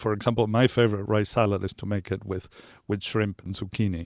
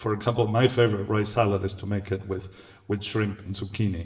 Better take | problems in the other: first | room echo; dies away in 0.8 s

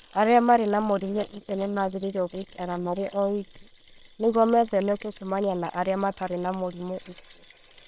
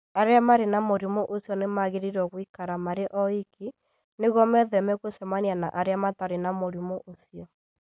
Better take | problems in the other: second | noise reduction (neural separator model SepFormer WHAM!)

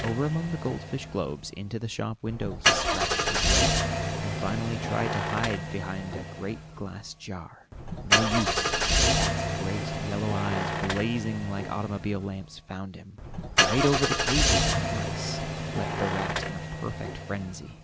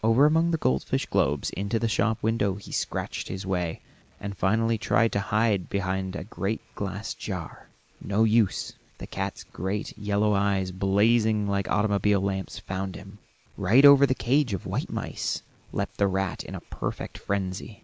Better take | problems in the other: second | background sound (Engine starting / Car); 4 dB above the speech

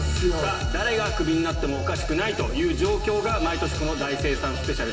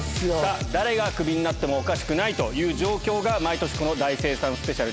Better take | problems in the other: second | background sound (Bowed string instrument); 20 dB below the speech // room echo; dies away in 1 s

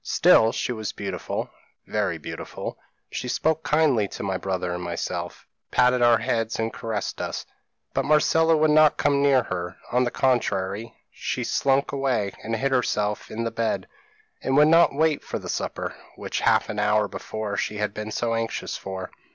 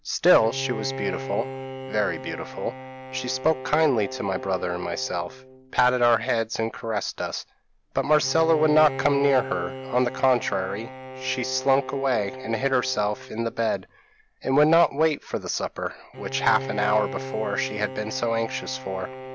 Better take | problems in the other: first | background sound (Bowed string instrument); 12 dB below the speech

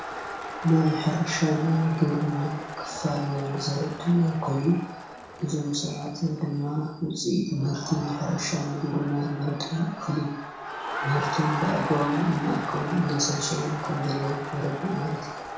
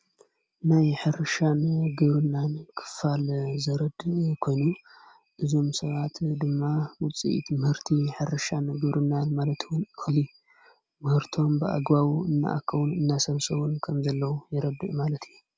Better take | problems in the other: second | background sound (Crowd); 9 dB below the speech // room echo; dies away in 0.6 s

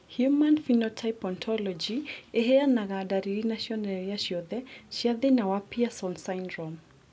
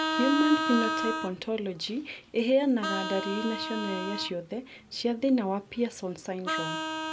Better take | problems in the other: first | background sound (Vehicle horn, car horn, honking); 4 dB below the speech

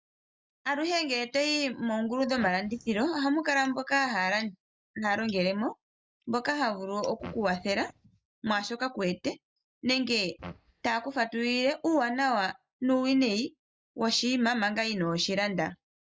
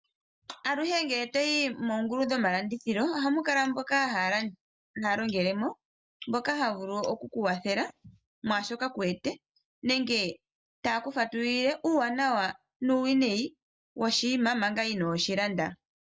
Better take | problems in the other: second | noise reduction (neural mask model DeepFilterNet 3)

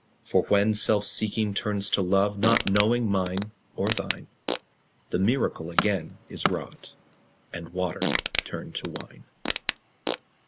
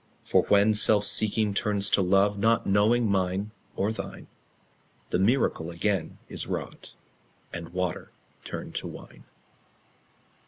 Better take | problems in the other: second | background sound (Tools + Fart); 4 dB below the speech

